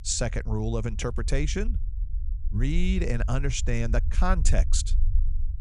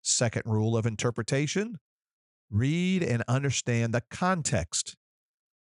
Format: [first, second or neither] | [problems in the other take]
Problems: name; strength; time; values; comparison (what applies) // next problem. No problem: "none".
second | low rumble; noticeable; throughout; 20 dB below the speech